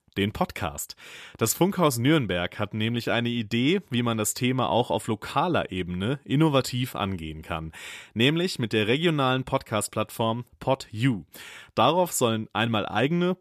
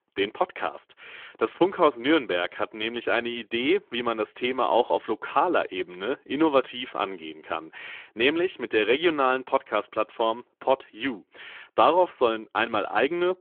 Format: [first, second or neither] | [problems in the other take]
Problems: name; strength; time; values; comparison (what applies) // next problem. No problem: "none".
first | phone-call audio; nothing above 3.5 kHz